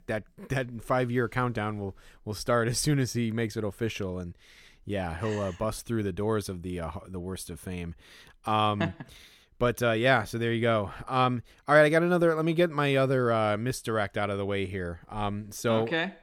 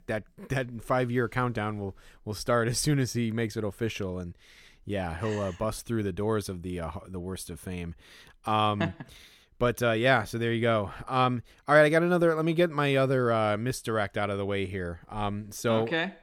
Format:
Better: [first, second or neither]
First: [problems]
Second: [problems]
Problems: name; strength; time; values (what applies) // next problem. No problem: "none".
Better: neither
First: none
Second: none